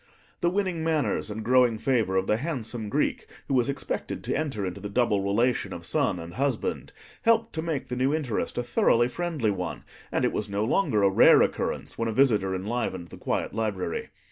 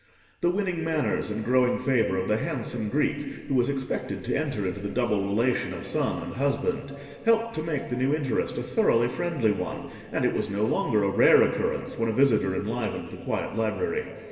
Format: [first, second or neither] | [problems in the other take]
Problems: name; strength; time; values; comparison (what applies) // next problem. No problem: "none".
first | room echo; dies away in 2.5 s